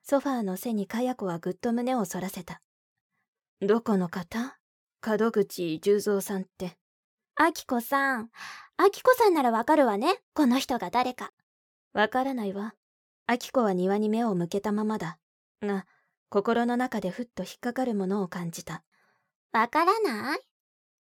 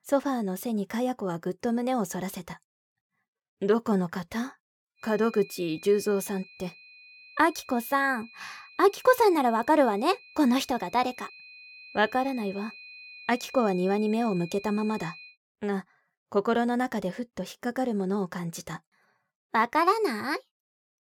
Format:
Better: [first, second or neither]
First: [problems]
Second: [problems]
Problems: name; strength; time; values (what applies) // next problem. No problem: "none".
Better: first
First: none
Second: high-pitched whine; noticeable; from 5 to 15 s; 2.5 kHz, 20 dB below the speech